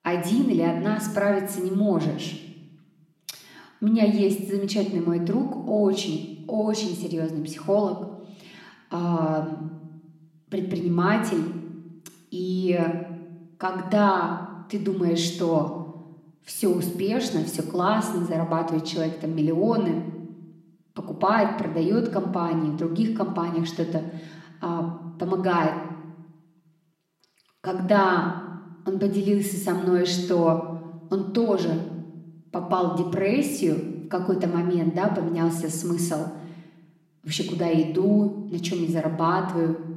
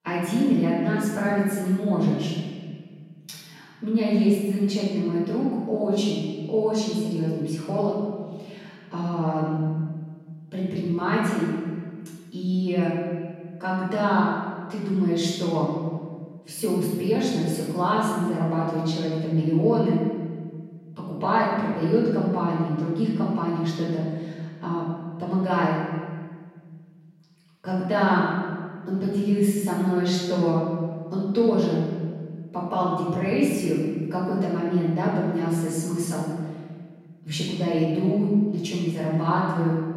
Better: first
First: room echo; slight; dies away in 0.8 s // off-mic speech; somewhat distant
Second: room echo; strong; dies away in 1.7 s // off-mic speech; far

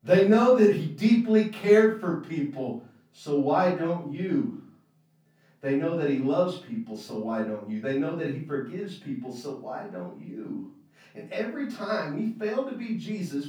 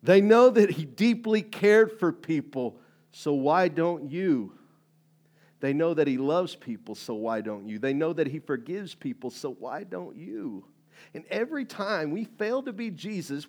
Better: second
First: off-mic speech; far // room echo; noticeable; dies away in 0.4 s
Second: none

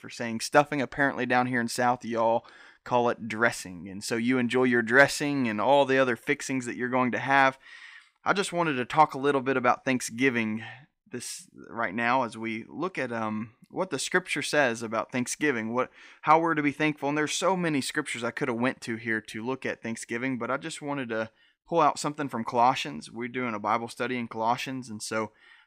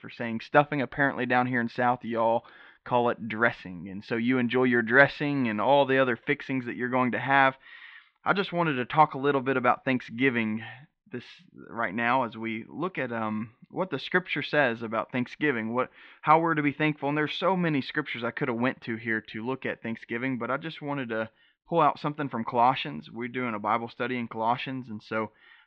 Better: first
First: none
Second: muffled; very; fading above 3.5 kHz

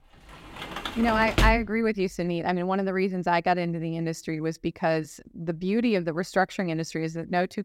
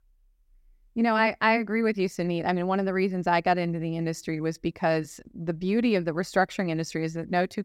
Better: second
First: door banging; loud; from 0.5 to 1.5 s; peak 1 dB above the speech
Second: none

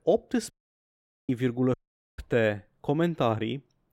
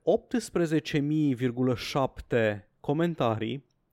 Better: second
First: audio cutting out; at 0.5 s for 1 s and at 1.5 s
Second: none

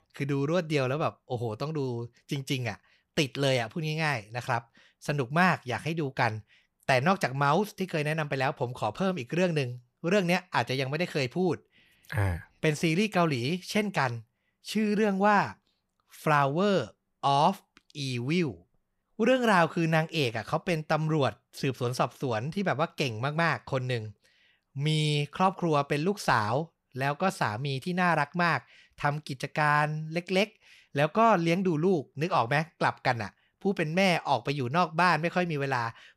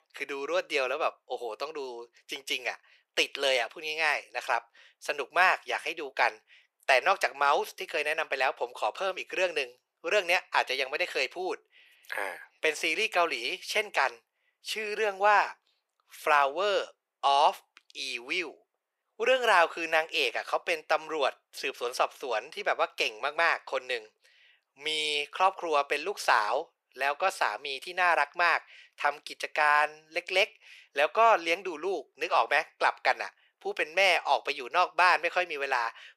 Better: first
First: none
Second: thin; very; fading below 450 Hz

